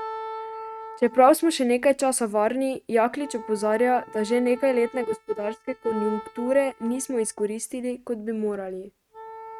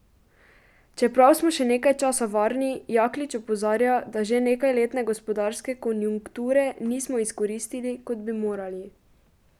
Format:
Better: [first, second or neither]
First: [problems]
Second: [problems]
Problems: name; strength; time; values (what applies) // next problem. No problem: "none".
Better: second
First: noise reduction (neural mask model RNNoise)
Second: none